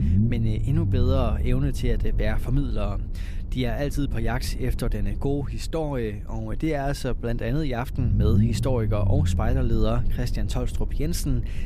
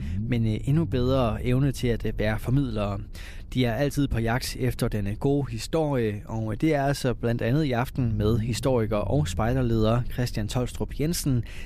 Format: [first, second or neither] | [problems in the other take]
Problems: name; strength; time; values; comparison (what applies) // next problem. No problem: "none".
second | low rumble; loud; throughout; 9 dB below the speech; faint in the second